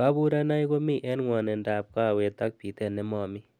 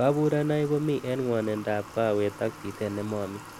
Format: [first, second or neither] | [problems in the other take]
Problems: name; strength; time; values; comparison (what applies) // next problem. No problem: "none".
first | background sound (Water tap, faucet / Water); 17 dB below the speech